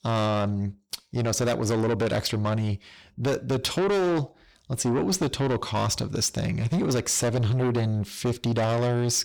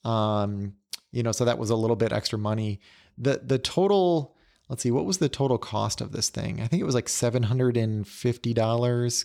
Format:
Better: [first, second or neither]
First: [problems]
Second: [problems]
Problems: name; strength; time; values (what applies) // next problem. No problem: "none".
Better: second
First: distortion; heavy; 7 dB below the speech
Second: none